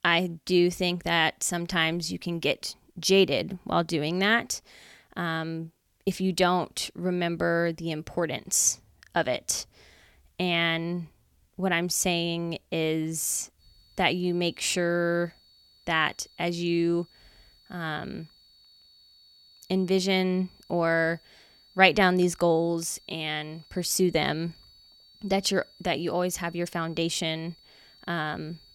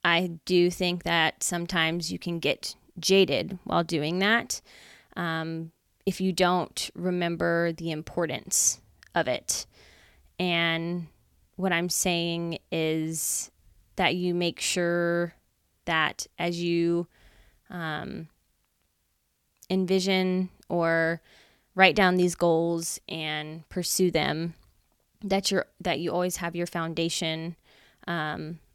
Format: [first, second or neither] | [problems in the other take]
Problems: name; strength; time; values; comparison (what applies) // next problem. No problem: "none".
second | high-pitched whine; faint; from 14 s on; 4.5 kHz, 30 dB below the speech